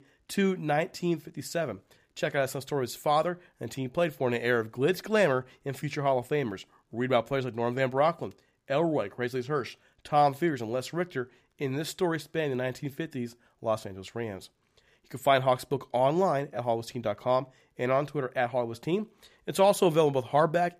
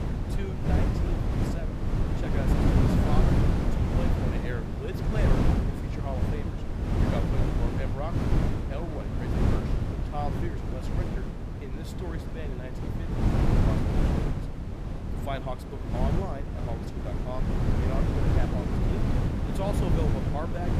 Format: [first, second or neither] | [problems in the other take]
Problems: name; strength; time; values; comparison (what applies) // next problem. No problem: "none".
first | wind noise on the microphone; heavy; 3 dB above the speech